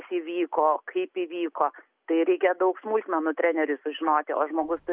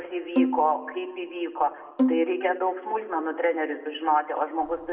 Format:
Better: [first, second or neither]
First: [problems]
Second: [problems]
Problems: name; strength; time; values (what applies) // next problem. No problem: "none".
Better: first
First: none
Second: background sound (Bowed string instrument); 3 dB below the speech // room echo; dies away in 1.1 s